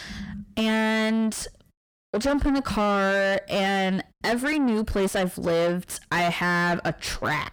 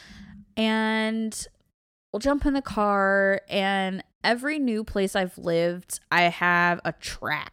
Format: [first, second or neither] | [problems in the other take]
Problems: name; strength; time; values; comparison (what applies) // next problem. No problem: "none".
second | distortion; heavy; 6 dB below the speech